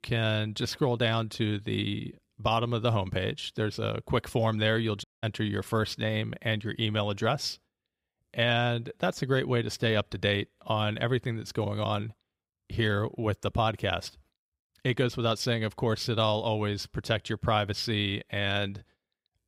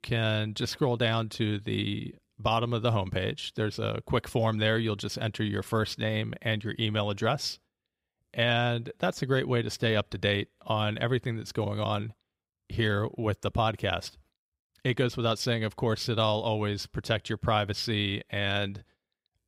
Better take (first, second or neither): second